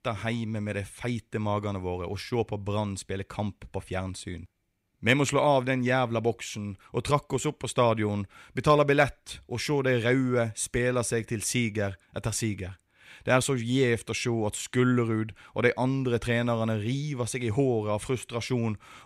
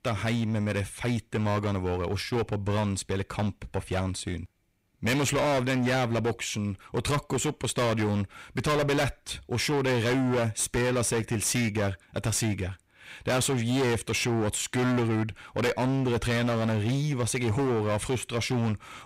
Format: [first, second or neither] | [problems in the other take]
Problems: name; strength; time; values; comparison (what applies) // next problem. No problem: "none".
first | distortion; heavy; 21% of the sound clipped